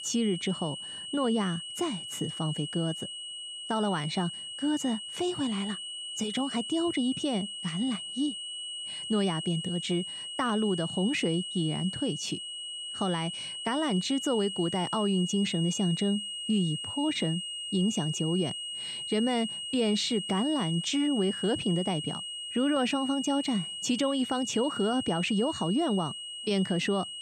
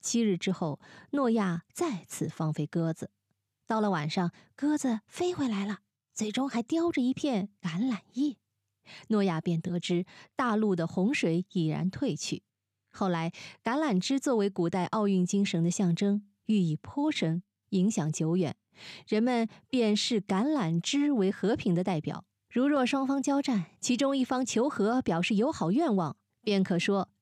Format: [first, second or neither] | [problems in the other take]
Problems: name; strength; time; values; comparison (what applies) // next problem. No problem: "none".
second | high-pitched whine; loud; throughout; 3 kHz, 5 dB below the speech